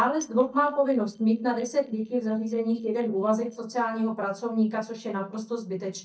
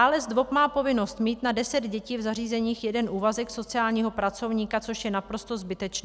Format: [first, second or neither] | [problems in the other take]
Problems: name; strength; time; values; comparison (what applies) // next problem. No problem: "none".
second | noise reduction (neural mask model DeepFilterNet 3)